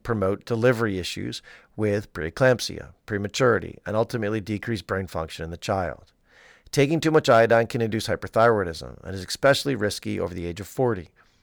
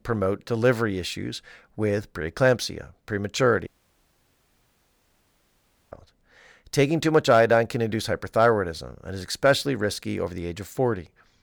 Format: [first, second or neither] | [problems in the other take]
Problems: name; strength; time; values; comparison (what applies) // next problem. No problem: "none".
first | audio cutting out; at 3.5 s for 2.5 s